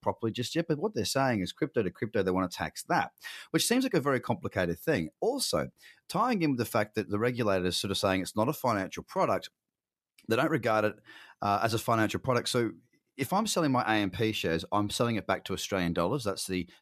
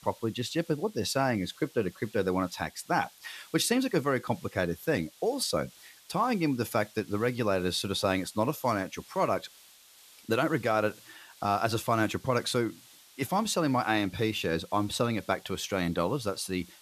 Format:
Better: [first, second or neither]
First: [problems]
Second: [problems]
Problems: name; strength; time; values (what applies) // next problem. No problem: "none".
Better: first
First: none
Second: hiss; faint; throughout; 25 dB below the speech